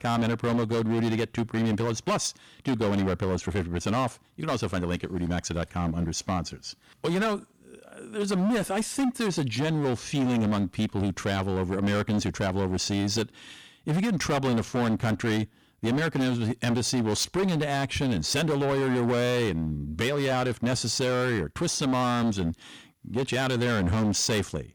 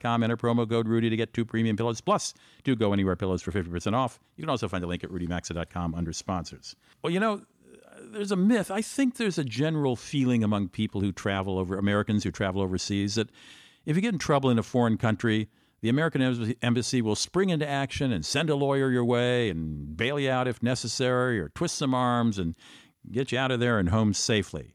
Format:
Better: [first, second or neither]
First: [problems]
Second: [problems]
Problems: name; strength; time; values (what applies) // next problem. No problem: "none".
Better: second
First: distortion; heavy; 20% of the sound clipped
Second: none